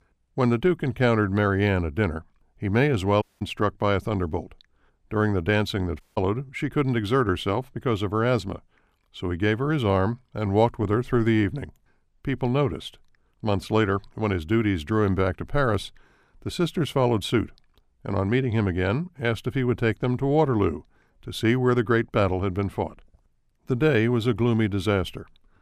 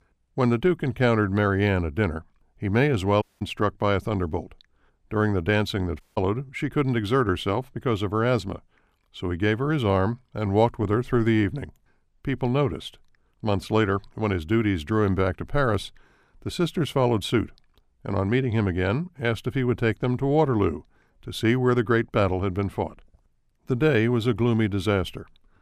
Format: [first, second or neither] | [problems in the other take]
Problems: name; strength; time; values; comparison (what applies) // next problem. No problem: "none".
neither | audio cutting out; at 3 s and at 6 s; the same in both